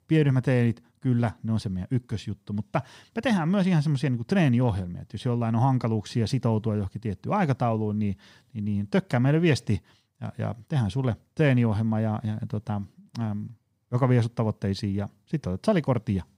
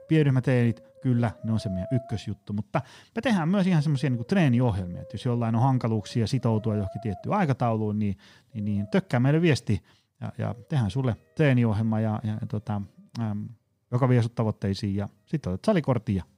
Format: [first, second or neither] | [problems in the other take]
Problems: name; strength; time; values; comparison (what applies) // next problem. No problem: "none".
first | background music; faint; throughout; 20 dB below the speech